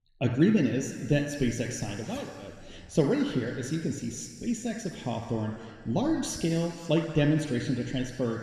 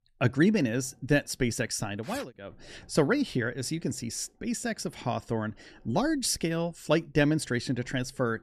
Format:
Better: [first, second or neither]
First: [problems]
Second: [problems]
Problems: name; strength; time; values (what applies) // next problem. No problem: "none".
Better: second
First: room echo; noticeable; dies away in 2 s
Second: none